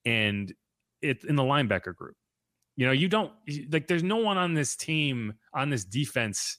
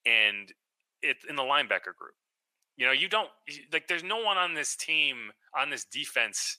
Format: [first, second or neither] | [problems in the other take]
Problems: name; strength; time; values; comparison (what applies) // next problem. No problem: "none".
first | thin; very; fading below 700 Hz